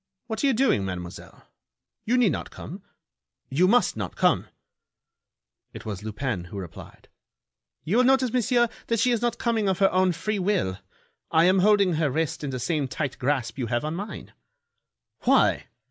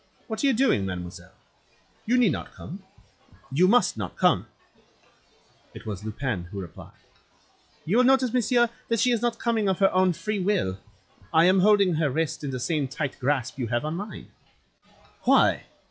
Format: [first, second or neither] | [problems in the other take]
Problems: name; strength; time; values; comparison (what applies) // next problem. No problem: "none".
first | noise reduction (classical method log-MMSE)